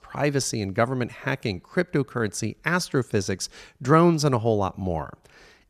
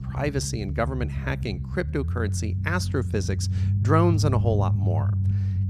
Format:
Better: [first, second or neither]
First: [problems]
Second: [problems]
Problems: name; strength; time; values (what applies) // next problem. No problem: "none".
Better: first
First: none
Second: low rumble; noticeable; throughout; 10 dB below the speech